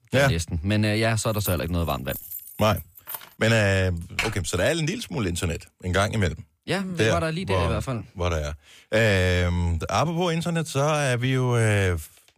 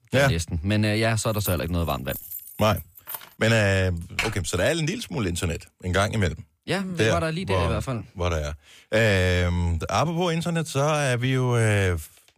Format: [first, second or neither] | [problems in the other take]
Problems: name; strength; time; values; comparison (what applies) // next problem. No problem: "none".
neither | jangling keys; noticeable; from 1.5 to 3.5 s; peak 9 dB below the speech; the same in both // keyboard typing; noticeable; at 4 s; peak 4 dB below the speech; the same in both